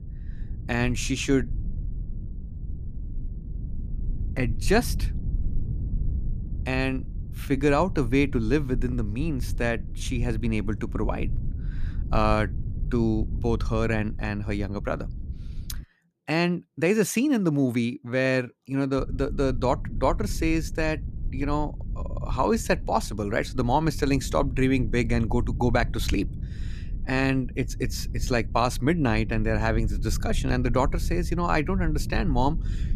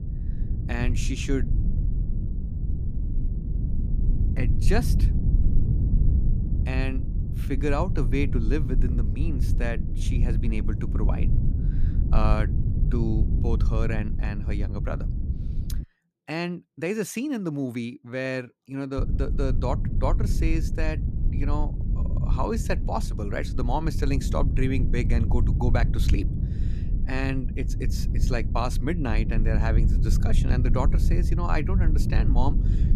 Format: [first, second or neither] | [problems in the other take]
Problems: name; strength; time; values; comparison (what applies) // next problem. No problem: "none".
first | low rumble; loud; until 16 s and from 19 s on; 8 dB below the speech; faint in the first